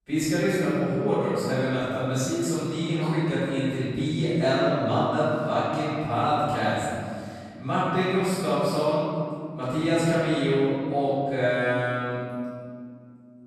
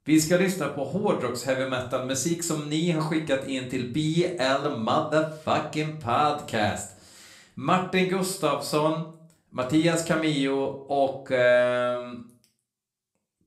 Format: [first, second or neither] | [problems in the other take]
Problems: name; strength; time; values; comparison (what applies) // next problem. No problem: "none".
second | room echo; strong; dies away in 2.5 s; slight in the second // off-mic speech; far; somewhat distant in the second